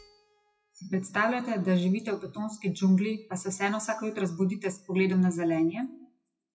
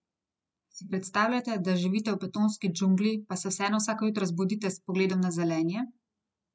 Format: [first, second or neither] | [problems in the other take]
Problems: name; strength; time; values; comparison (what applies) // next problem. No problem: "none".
second | noise reduction (classical method WPE with log-MMSE)